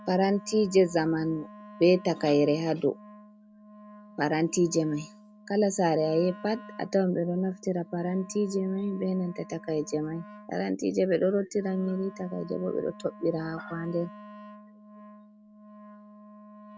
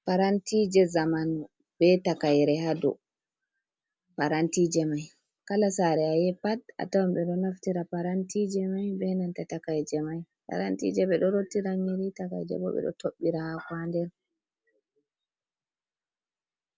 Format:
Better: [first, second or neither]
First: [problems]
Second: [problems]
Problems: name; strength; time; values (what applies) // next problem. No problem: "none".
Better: second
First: background sound (Wind instrument, woodwind instrument); 19 dB below the speech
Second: none